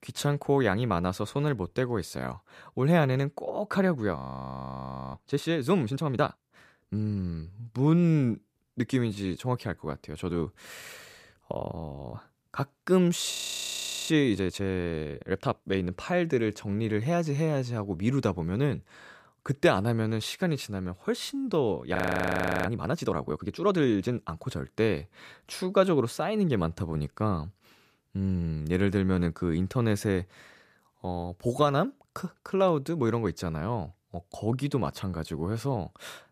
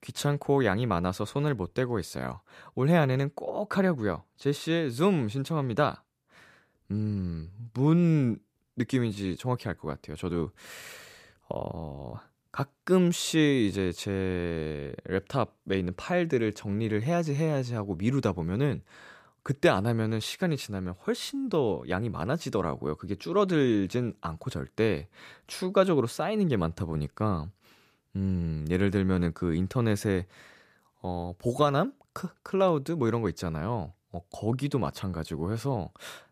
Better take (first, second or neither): second